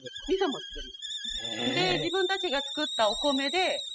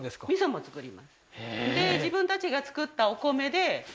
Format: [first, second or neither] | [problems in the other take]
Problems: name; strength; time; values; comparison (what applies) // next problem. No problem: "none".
second | noise reduction (classical method spectral subtraction)